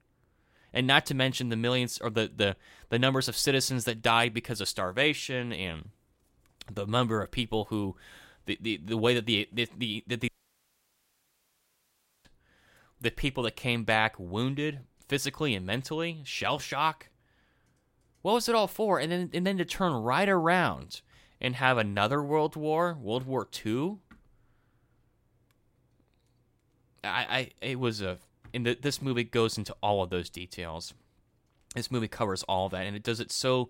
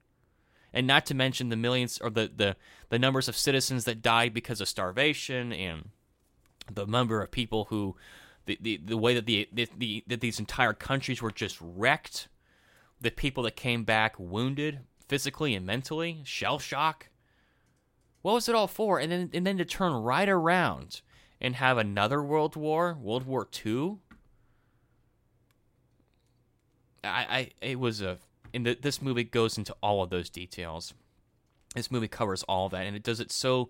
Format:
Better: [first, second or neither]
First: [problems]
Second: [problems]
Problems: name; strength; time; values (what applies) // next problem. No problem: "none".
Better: second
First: audio cutting out; at 10 s for 2 s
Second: none